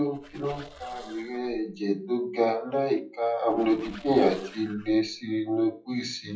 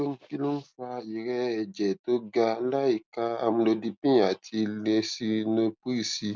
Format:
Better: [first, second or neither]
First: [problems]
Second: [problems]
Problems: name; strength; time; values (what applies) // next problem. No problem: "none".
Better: second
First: noise reduction (classical method WPE with log-MMSE)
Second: none